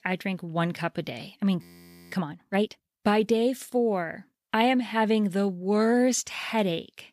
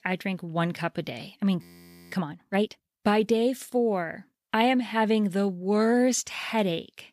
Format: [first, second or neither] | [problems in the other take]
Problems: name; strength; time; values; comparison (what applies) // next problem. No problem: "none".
neither | audio freezing; at 1.5 s for 0.5 s; the same in both